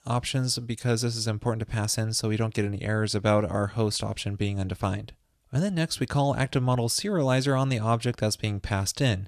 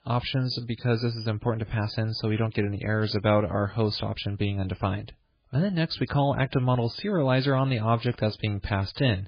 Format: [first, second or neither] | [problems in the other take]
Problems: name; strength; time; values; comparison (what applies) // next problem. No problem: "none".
first | garbled, watery; badly; nothing above 5 kHz